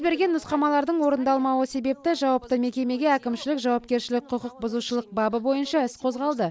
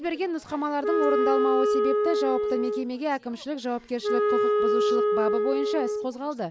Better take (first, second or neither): first